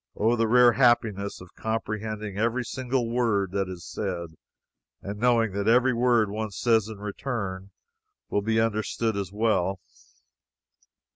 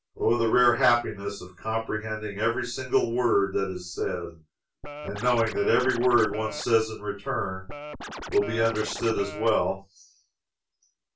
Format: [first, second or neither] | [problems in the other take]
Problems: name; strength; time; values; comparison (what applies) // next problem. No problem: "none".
first | background sound (Scratching (performance technique)); 10 dB below the speech // room echo; dies away in 0.2 s